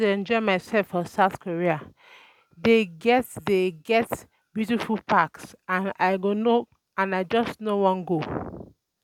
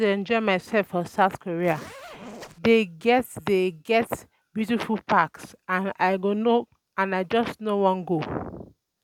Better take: first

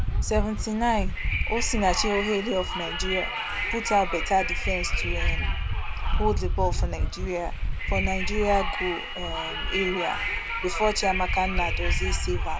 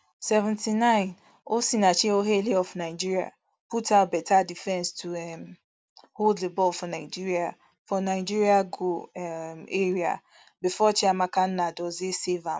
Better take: second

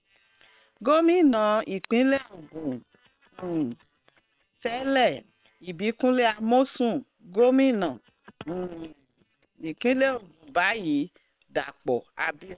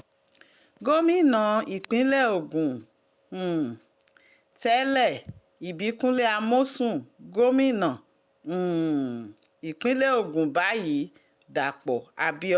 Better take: second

